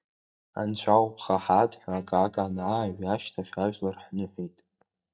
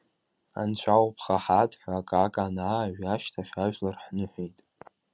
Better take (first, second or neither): second